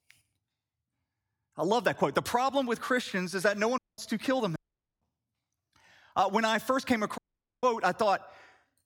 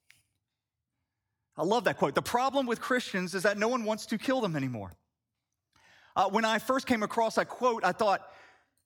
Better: second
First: audio cutting out; at 4 s, at 4.5 s and at 7 s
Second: none

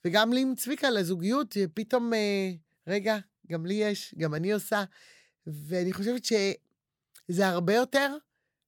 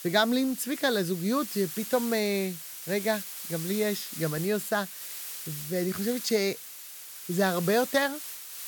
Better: first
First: none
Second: hiss; loud; throughout; 8 dB below the speech

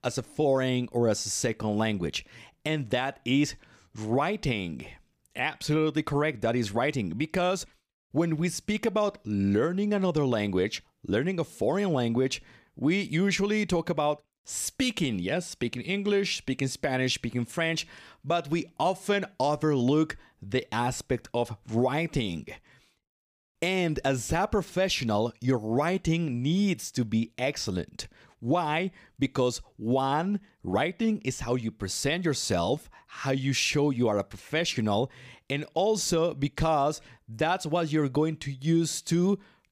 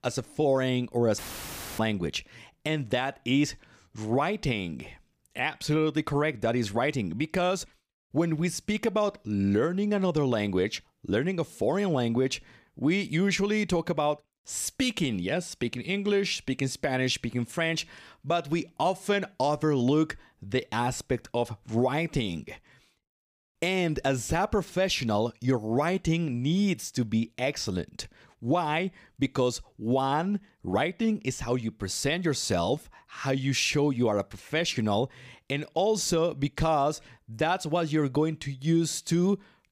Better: first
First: none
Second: audio cutting out; filled with static; at 1 s for 0.5 s

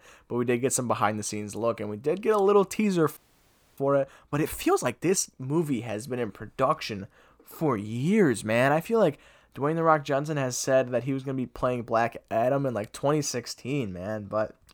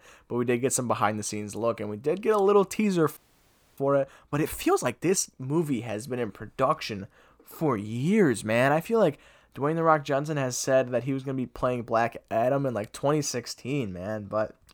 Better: neither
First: audio freezing; at 3 s for 0.5 s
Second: audio freezing; at 3 s for 0.5 s

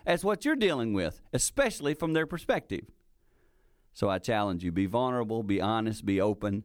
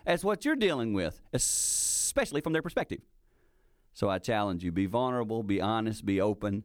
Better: first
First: none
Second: audio freezing; at 1.5 s for 0.5 s

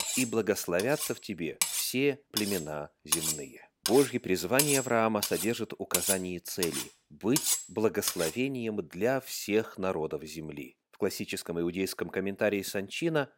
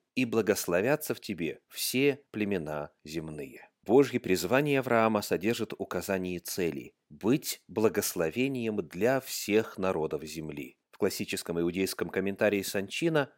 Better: second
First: clattering dishes; loud; until 8.5 s; peak 4 dB above the speech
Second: none

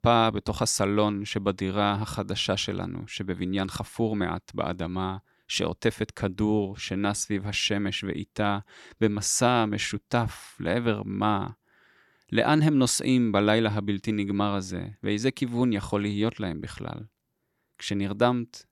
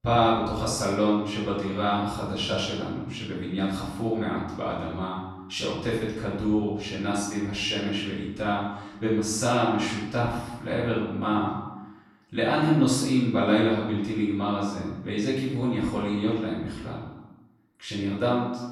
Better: first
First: none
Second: off-mic speech; far // room echo; noticeable; dies away in 0.9 s

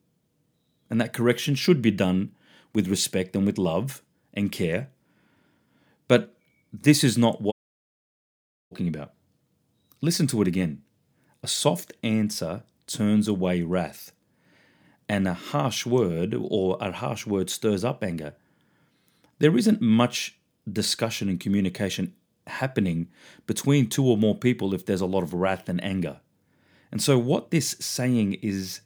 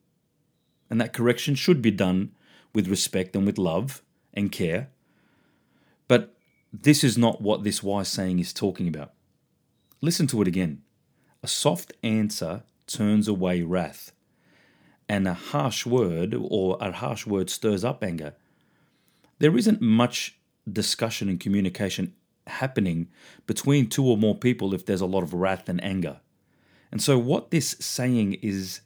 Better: second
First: audio cutting out; at 7.5 s for 1 s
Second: none

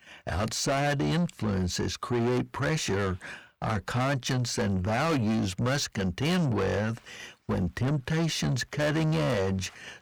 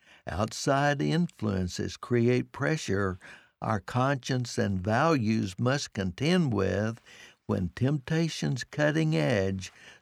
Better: second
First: distortion; heavy; 6 dB below the speech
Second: none

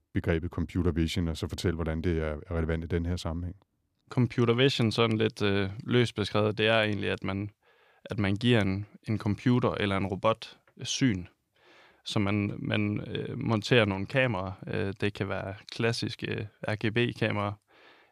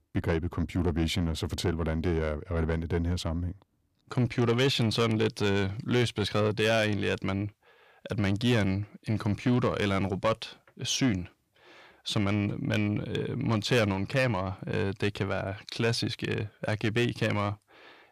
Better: first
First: none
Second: distortion; slight; 10 dB below the speech

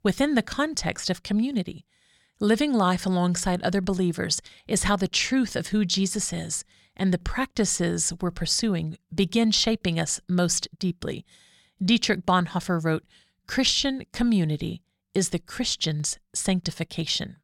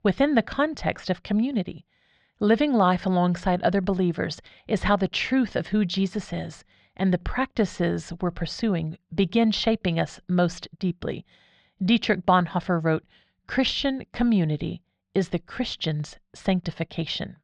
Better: first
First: none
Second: muffled; slightly; fading above 3.5 kHz

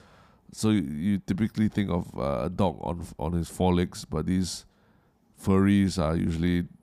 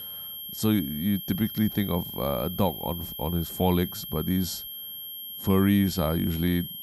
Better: first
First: none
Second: high-pitched whine; loud; throughout; 11.5 kHz, 8 dB below the speech

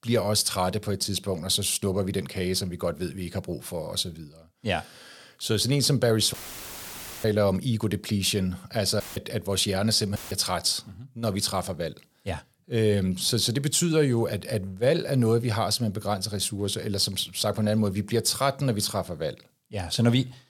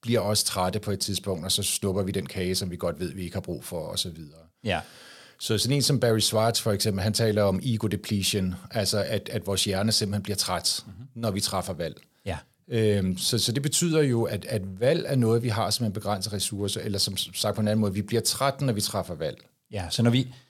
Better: second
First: audio cutting out; filled with static; at 6.5 s for 1 s, at 9 s and at 10 s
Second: none

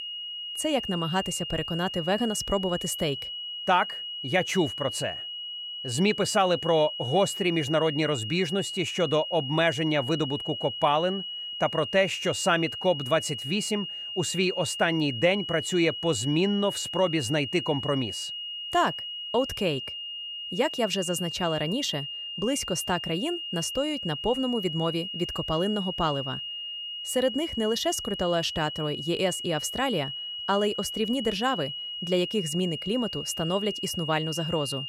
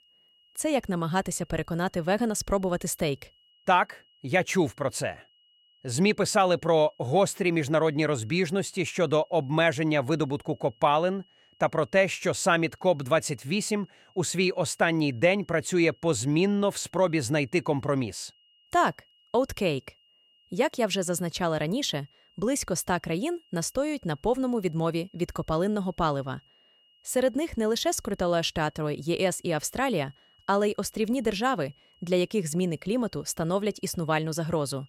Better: second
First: high-pitched whine; loud; throughout; 3 kHz, 6 dB below the speech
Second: high-pitched whine; faint; throughout; 3 kHz, 35 dB below the speech

